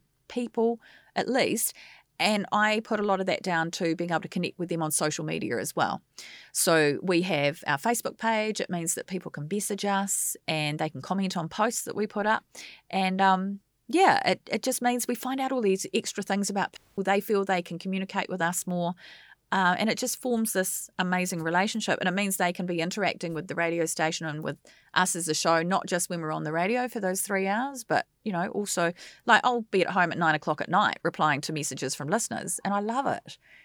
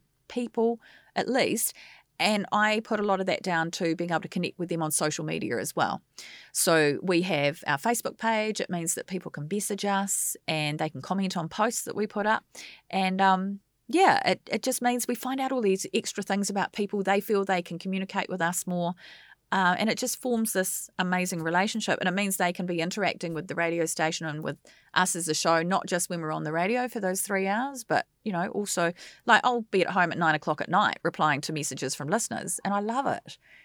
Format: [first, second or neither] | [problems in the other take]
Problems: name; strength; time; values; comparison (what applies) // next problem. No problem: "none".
second | audio cutting out; at 17 s